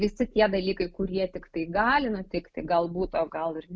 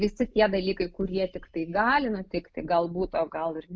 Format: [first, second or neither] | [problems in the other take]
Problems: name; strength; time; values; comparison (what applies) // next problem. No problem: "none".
first | noise reduction (neural mask model DeepFilterNet 3)